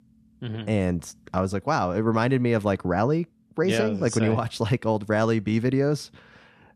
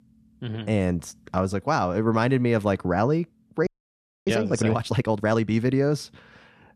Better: first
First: none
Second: audio freezing; at 3.5 s for 0.5 s

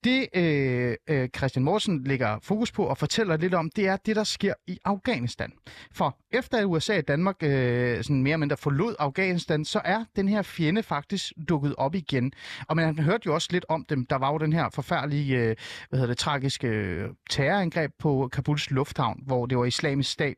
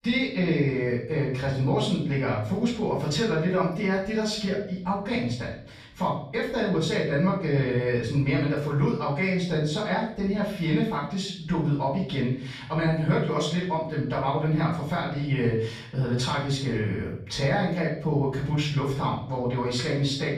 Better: first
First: none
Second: off-mic speech; far // room echo; noticeable; dies away in 0.5 s

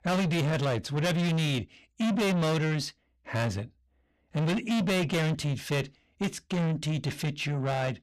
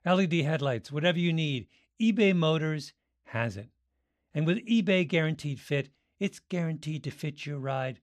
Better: second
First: distortion; heavy; 6 dB below the speech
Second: none

